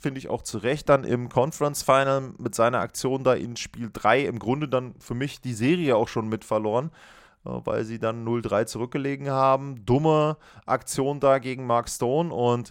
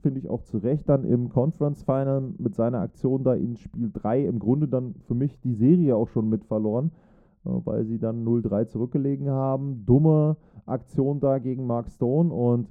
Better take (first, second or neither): first